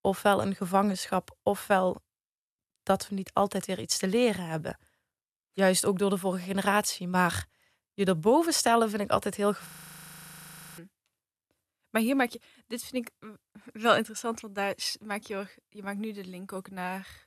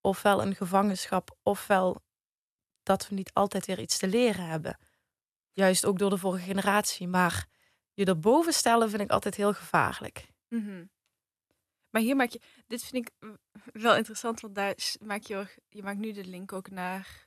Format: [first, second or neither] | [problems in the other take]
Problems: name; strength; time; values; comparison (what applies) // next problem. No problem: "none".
second | audio freezing; at 9.5 s for 1 s